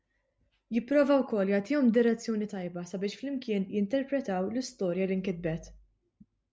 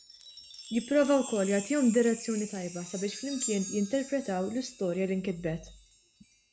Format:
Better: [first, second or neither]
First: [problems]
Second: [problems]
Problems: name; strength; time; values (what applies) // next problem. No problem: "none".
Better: first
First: none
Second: background sound (Chime); 13 dB below the speech